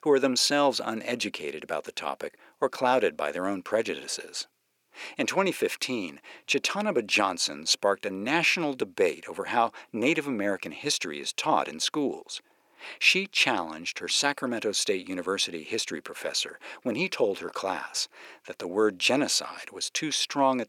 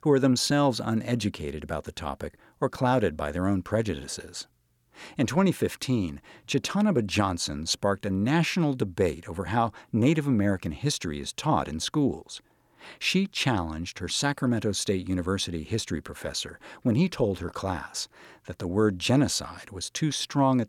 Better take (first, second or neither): second